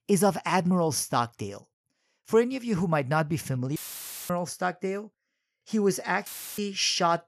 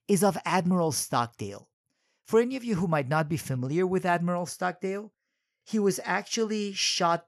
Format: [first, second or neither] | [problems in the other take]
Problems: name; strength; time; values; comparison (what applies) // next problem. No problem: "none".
second | audio cutting out; filled with static; at 4 s for 0.5 s and at 6.5 s